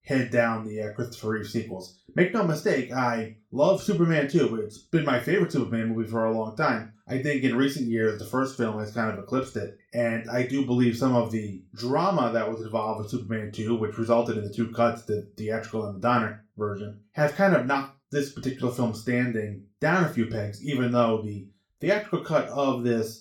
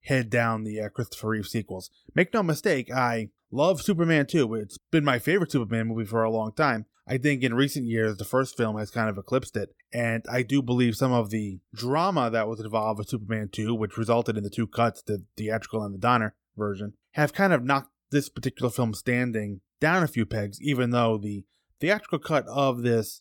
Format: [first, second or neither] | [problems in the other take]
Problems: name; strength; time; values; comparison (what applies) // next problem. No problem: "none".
second | room echo; slight; dies away in 0.3 s // off-mic speech; somewhat distant